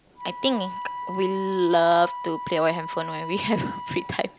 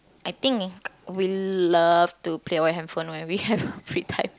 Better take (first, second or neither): second